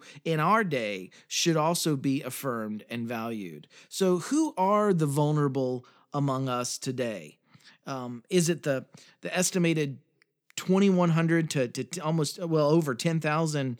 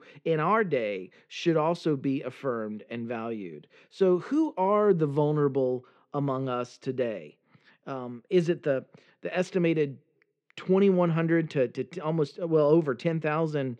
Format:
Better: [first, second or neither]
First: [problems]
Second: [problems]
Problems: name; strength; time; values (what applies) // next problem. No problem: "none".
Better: first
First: none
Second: muffled; very; fading above 2.5 kHz